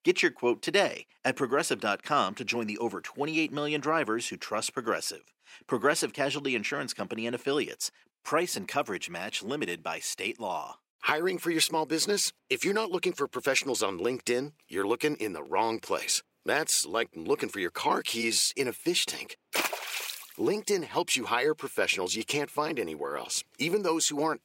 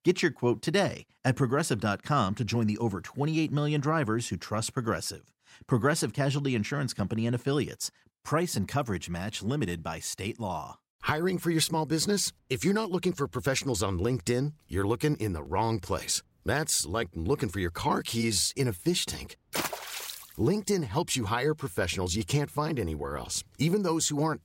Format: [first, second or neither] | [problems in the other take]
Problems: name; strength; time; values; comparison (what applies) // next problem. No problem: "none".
second | thin; somewhat; fading below 400 Hz